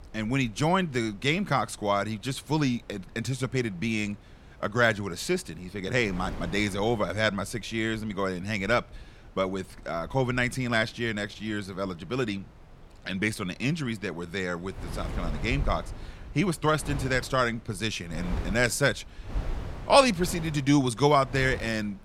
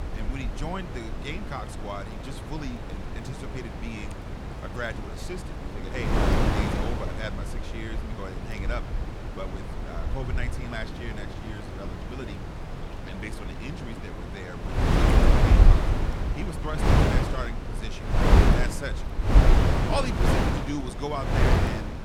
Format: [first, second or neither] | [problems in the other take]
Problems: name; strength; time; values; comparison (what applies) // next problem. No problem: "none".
first | wind noise on the microphone; heavy; 4 dB above the speech; occasional gusts in the first